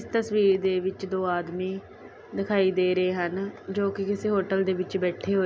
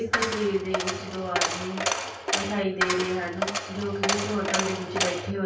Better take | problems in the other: first | background sound (Coin (dropping)); as loud as the speech // room echo; dies away in 0.3 s

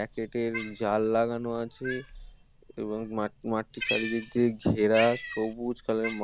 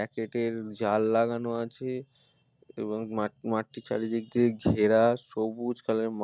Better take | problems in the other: second | background sound (Cat); 11 dB below the speech

